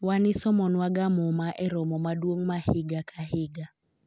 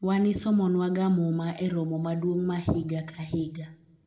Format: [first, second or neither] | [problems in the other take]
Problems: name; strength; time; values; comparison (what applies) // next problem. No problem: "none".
first | room echo; dies away in 0.5 s